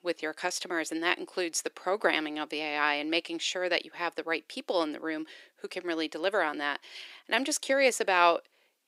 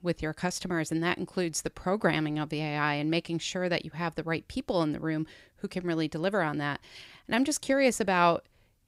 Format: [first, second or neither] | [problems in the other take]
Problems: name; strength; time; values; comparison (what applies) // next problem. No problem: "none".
second | thin; somewhat; fading below 350 Hz